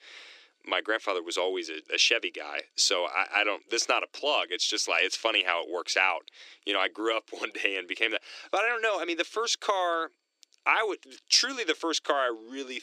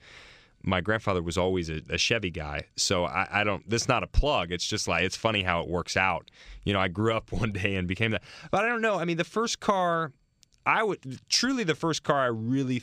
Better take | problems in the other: second | thin; very; fading below 300 Hz

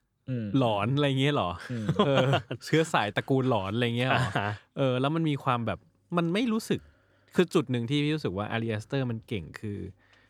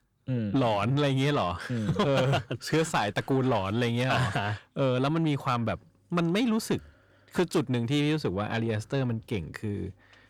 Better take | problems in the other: first | distortion; slight; 10 dB below the speech

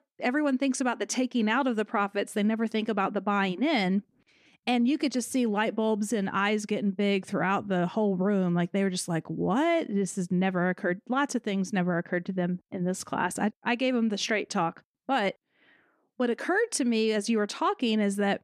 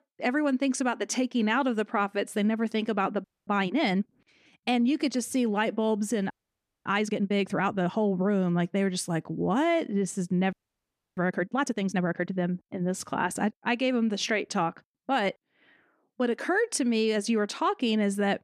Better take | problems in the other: first | audio freezing; at 3 s, at 6.5 s for 0.5 s and at 11 s for 0.5 s

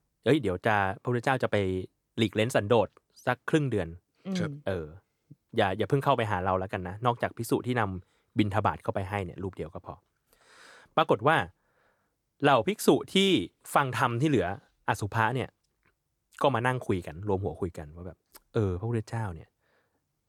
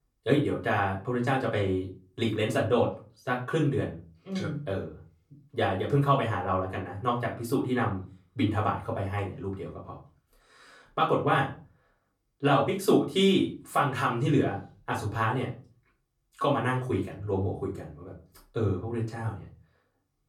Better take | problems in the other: first | off-mic speech; far // room echo; slight; dies away in 0.3 s

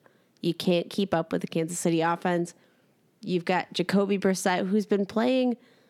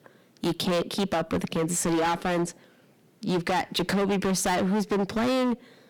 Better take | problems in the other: first | distortion; heavy; 21% of the sound clipped

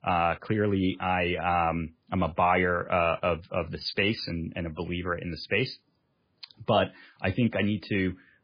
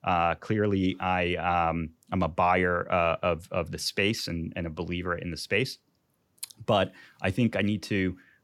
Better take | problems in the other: second | garbled, watery; badly

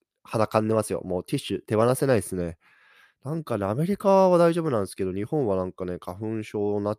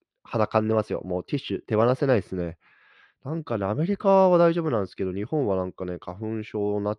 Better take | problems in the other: first | muffled; very slightly; fading above 4 kHz

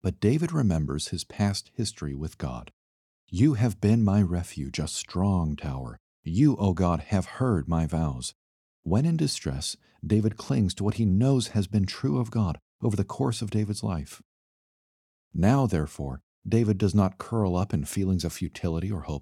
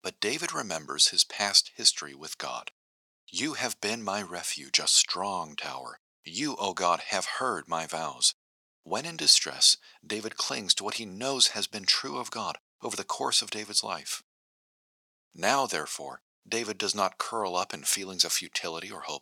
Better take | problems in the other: first | thin; very; fading below 850 Hz

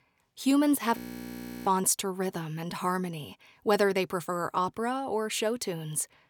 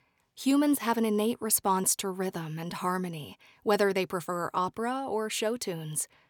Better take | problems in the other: second | audio freezing; at 1 s for 0.5 s

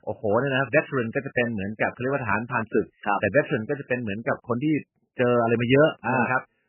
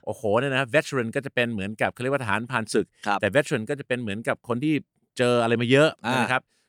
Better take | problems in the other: second | garbled, watery; badly; nothing above 3 kHz

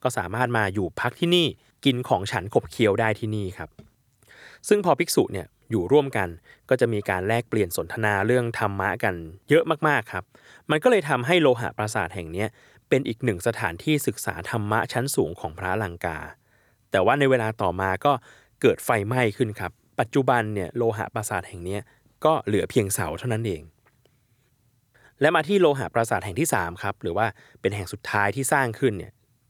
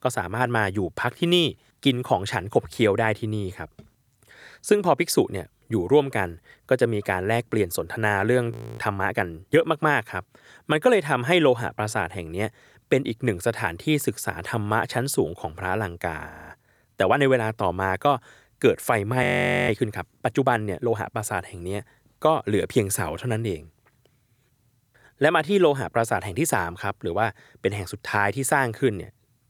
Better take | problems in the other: first | audio freezing; at 8.5 s, at 16 s and at 19 s

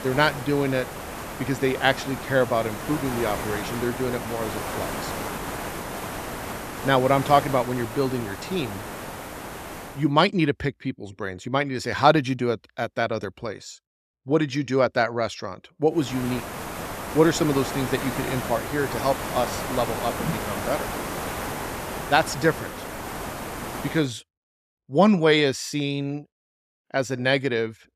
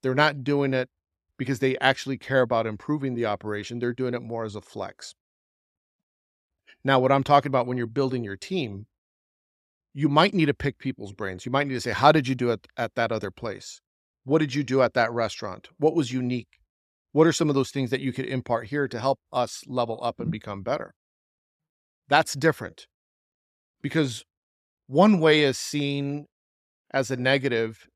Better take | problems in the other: second | hiss; loud; until 10 s and from 16 to 24 s; 8 dB below the speech

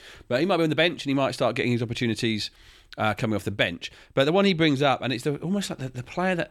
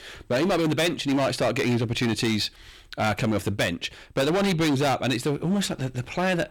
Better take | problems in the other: first | distortion; heavy; 19% of the sound clipped

